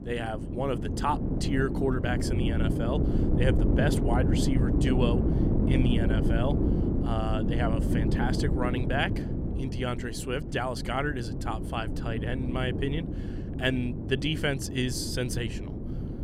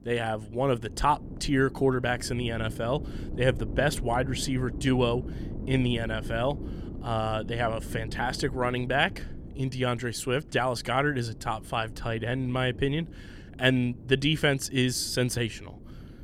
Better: second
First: wind noise on the microphone; heavy; 4 dB below the speech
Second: wind noise on the microphone; occasional gusts; 20 dB below the speech

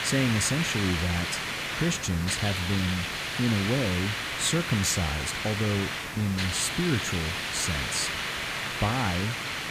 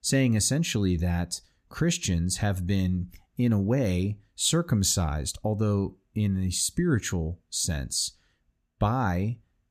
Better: second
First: hiss; loud; throughout; 1 dB below the speech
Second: none

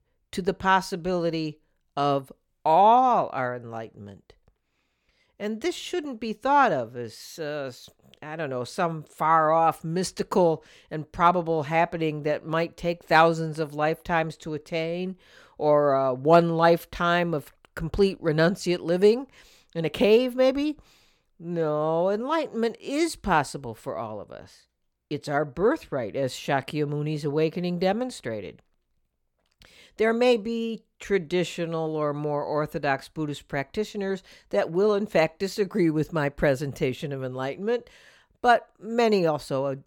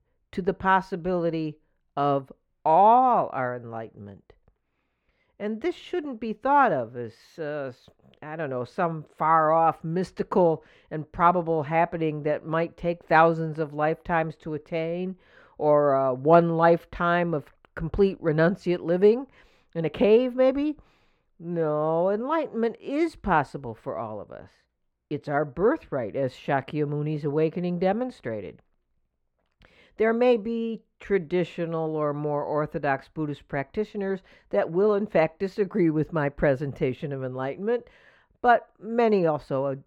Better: first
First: none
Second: muffled; slightly; fading above 3.5 kHz

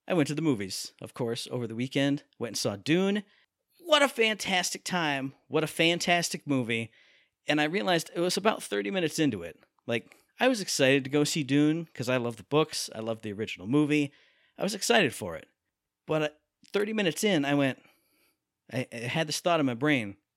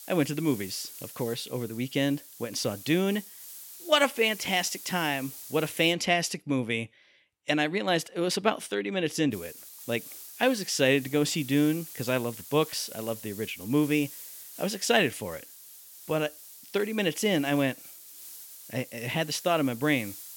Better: first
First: none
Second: hiss; noticeable; until 6 s and from 9.5 s on; 15 dB below the speech

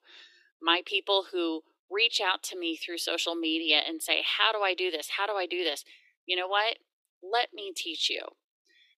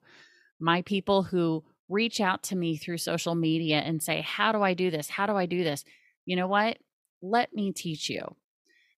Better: second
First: thin; very; fading below 300 Hz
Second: none

